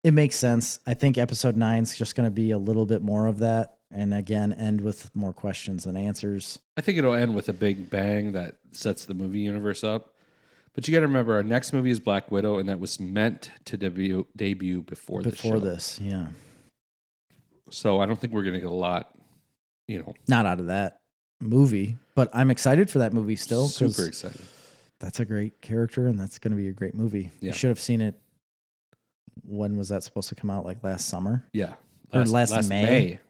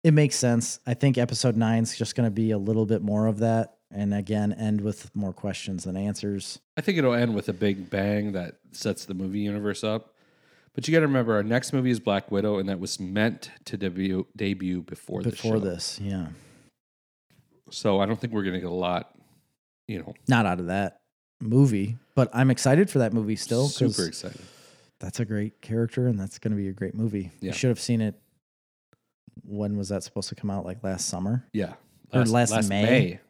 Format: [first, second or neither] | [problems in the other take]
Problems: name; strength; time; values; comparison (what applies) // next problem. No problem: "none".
second | garbled, watery; slightly